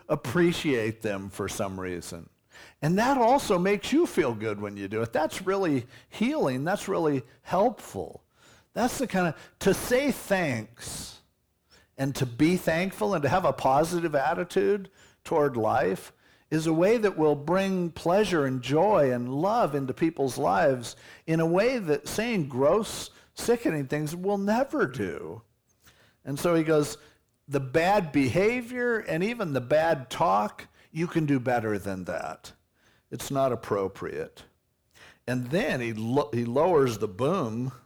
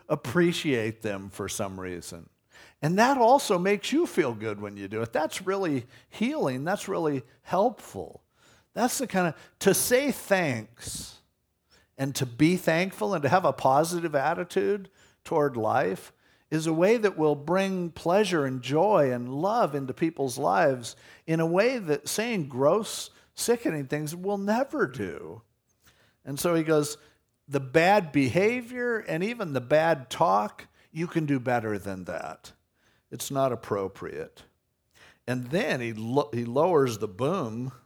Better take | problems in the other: second | distortion; slight; 10 dB below the speech

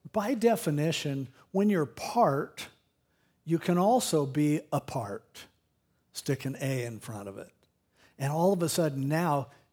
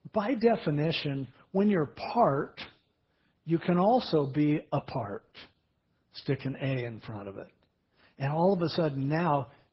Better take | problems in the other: first | garbled, watery; badly; nothing above 5.5 kHz

